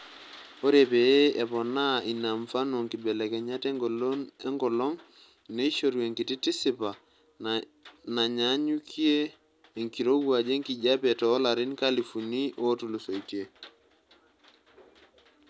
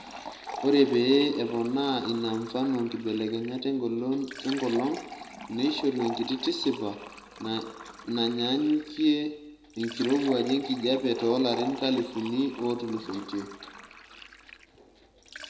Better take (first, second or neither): first